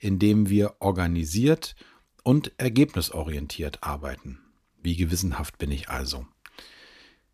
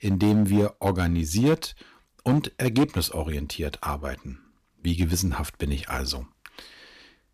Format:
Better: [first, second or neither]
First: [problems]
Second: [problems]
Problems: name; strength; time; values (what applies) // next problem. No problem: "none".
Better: first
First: none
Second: distortion; slight; 4% of the sound clipped